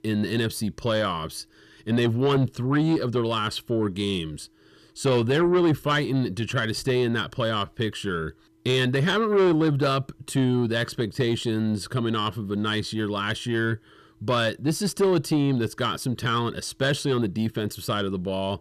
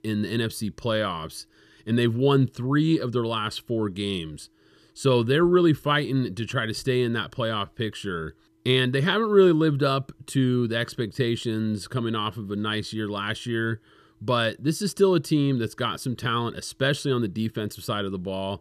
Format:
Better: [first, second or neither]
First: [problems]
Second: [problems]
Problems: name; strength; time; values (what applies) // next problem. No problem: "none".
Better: second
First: distortion; slight; 10 dB below the speech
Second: none